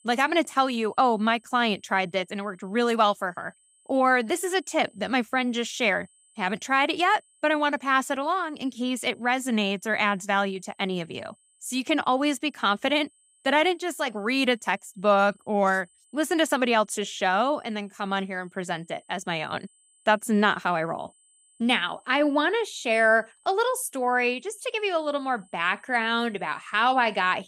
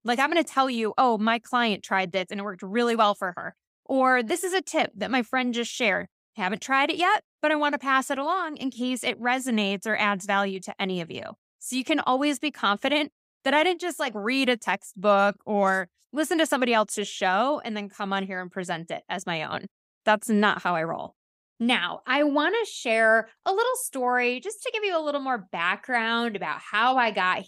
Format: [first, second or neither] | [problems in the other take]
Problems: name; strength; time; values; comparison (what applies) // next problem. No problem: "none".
second | high-pitched whine; faint; throughout; 8 kHz, 35 dB below the speech